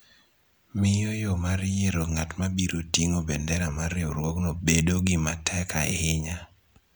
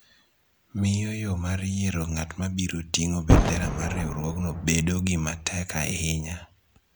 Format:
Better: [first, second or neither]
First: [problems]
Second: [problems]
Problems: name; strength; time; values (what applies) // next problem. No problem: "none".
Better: first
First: none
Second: background sound (Boom); as loud as the speech